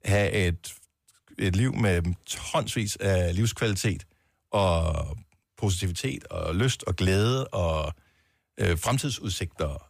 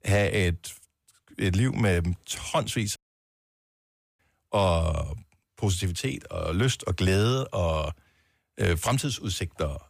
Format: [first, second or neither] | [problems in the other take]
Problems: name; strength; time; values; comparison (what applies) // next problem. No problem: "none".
first | audio cutting out; at 3 s for 1 s